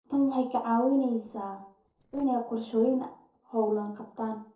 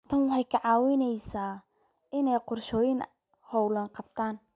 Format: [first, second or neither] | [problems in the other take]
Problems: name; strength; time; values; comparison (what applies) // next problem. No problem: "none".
second | noise reduction (neural separator model SepFormer DNS4)